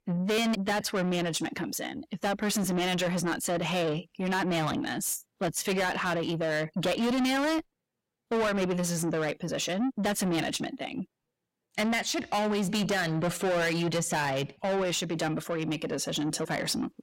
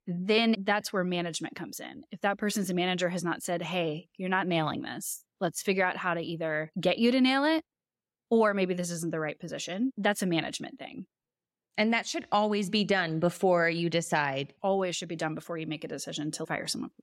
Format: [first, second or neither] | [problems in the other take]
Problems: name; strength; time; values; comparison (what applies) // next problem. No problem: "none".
second | distortion; heavy; 6 dB below the speech